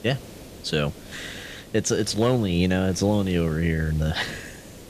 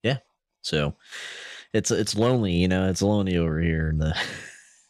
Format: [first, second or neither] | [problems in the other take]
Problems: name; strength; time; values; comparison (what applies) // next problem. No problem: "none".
second | hiss; noticeable; throughout; 20 dB below the speech